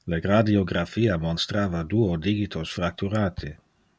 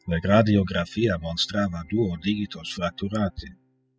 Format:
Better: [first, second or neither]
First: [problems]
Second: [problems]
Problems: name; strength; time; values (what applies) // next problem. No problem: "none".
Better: first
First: none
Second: noise reduction (classical method spectral subtraction)